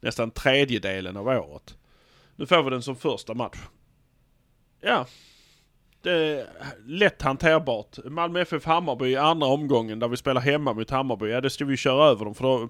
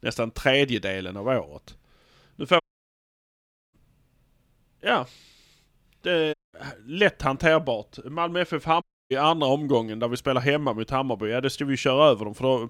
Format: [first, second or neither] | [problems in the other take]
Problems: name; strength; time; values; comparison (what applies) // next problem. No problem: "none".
first | audio cutting out; at 2.5 s for 1 s, at 6.5 s and at 9 s